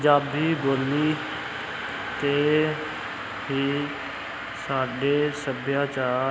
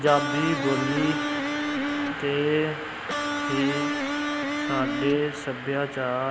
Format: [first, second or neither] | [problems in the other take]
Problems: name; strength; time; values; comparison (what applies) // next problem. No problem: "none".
first | background sound (Electric guitar); 2 dB below the speech